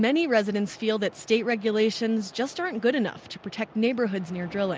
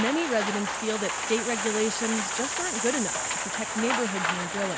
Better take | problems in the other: first | background sound (Rattle (instrument) + Rain); as loud as the speech

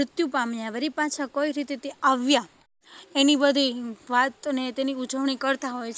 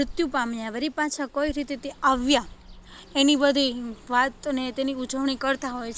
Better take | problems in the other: first | background sound (Bird); 19 dB below the speech

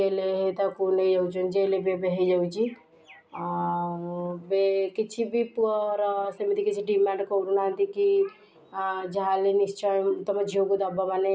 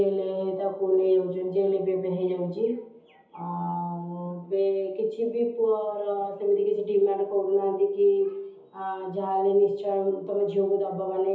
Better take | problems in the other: first | room echo; dies away in 0.8 s

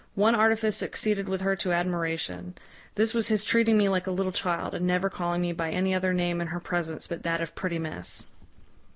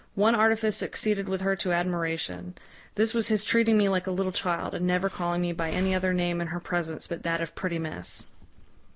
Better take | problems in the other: first | background sound (Breathing); 14 dB below the speech

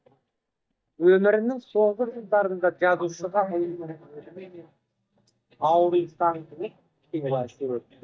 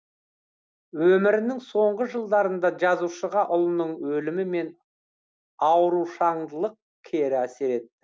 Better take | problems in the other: second | noise reduction (neural mask model DeepFilterNet 3)

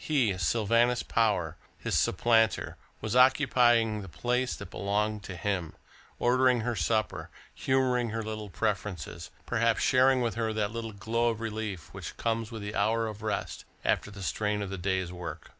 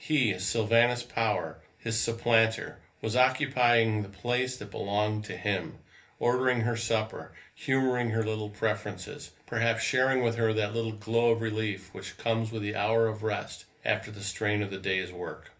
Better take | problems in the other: first | room echo; dies away in 0.3 s

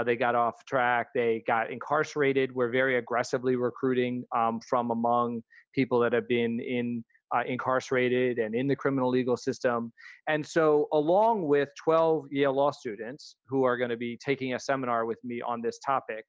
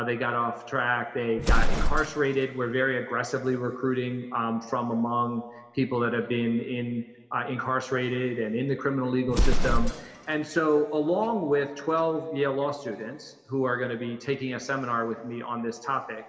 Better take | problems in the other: first | background sound (Explosion); 3 dB below the speech // room echo; dies away in 1.7 s

